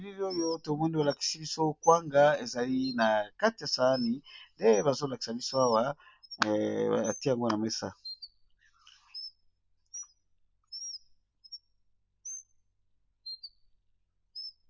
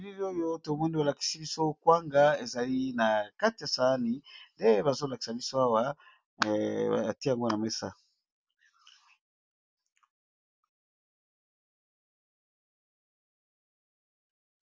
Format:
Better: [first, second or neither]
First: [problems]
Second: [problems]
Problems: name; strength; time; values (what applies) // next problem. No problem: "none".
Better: second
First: background sound (Bird); 17 dB below the speech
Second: none